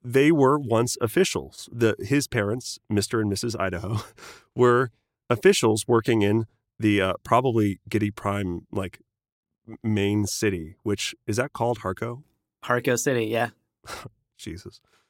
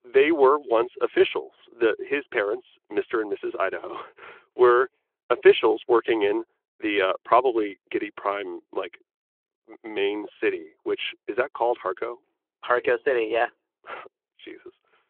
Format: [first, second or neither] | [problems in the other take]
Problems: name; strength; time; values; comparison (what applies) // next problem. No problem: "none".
first | phone-call audio